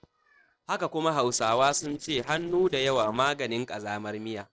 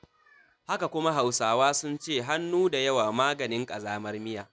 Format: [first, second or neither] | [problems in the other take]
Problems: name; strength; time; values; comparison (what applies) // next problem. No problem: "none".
second | noise reduction (neural separator model SepFormer DNS4)